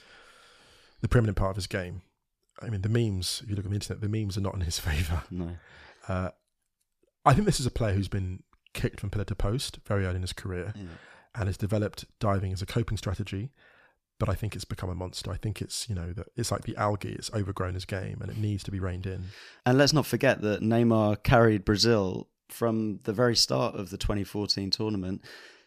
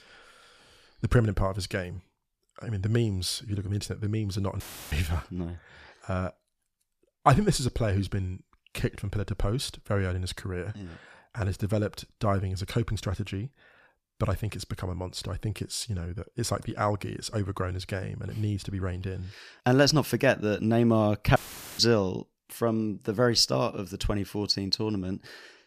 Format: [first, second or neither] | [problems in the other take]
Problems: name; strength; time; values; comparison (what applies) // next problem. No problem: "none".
first | audio cutting out; filled with static; at 4.5 s and at 21 s